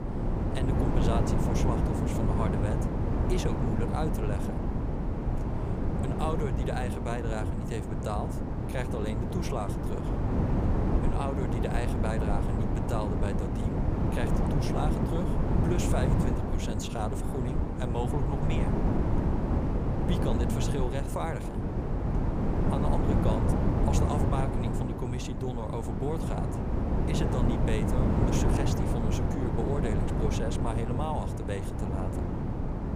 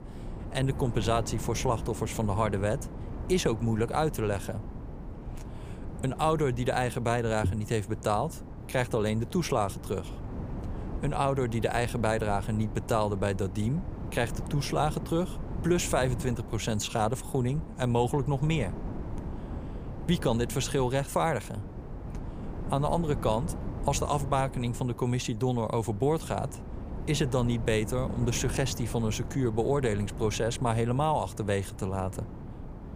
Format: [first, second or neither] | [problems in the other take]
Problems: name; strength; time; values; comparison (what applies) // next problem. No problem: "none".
second | wind noise on the microphone; heavy; 1 dB above the speech; occasional gusts in the second